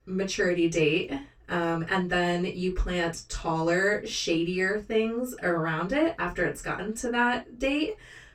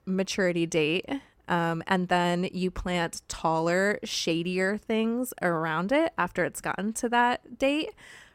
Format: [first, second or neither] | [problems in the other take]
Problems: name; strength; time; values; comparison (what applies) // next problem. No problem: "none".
second | room echo; very slight; dies away in 0.2 s // off-mic speech; far